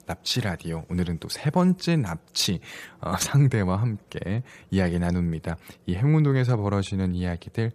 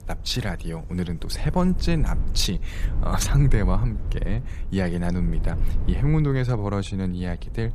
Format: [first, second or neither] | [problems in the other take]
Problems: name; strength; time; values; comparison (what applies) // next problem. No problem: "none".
first | low rumble; noticeable; throughout; 15 dB below the speech